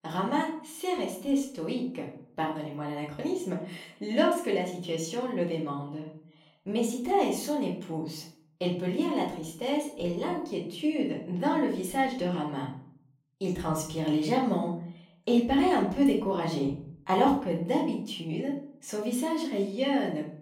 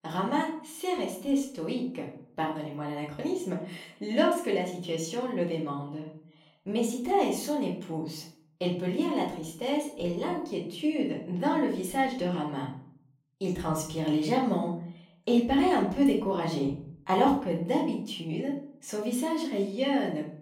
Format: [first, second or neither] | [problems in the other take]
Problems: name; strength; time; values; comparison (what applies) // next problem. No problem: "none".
neither | room echo; slight; dies away in 0.5 s; the same in both // off-mic speech; far; the same in both